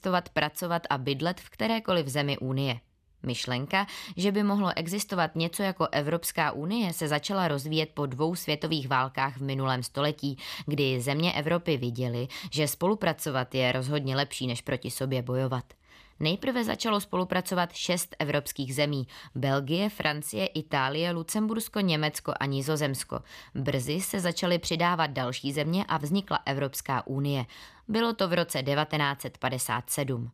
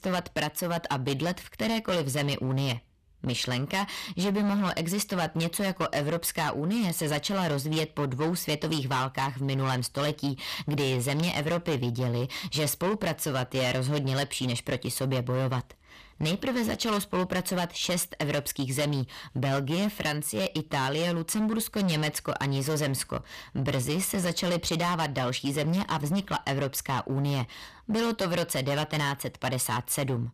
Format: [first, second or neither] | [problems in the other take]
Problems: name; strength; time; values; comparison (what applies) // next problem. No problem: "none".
first | distortion; heavy; 16% of the sound clipped